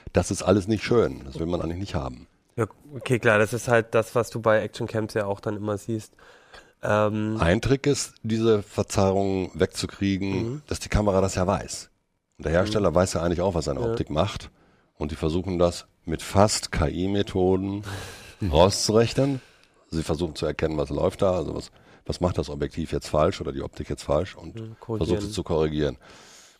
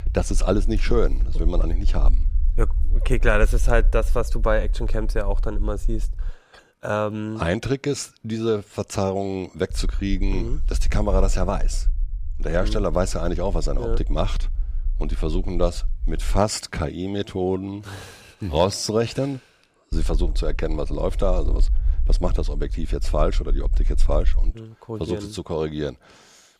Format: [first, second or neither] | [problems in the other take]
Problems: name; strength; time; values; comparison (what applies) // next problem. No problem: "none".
first | low rumble; faint; until 6.5 s, from 9.5 to 16 s and from 20 to 25 s; 25 dB below the speech